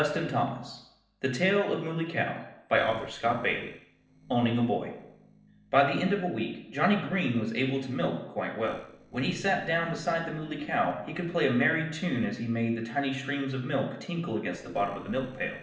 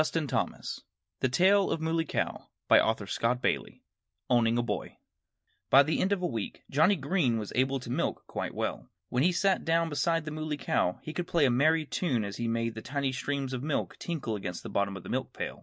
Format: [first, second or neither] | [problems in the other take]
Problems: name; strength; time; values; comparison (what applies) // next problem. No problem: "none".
second | noise reduction (neural separator model SepFormer DNS4)